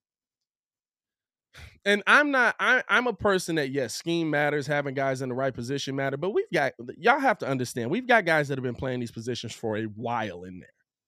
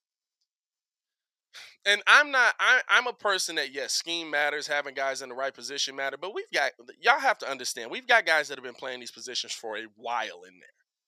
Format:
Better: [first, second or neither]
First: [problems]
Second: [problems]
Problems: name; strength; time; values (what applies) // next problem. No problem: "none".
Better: first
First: none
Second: thin; very; fading below 650 Hz